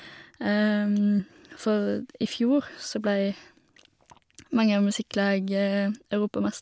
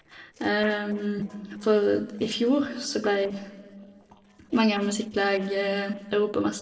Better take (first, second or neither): first